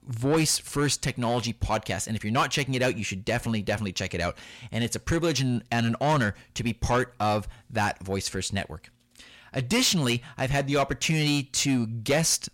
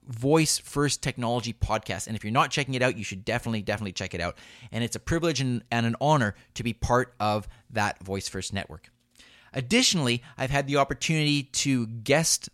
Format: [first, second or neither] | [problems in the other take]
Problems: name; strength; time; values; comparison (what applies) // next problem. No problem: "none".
second | distortion; slight; 10 dB below the speech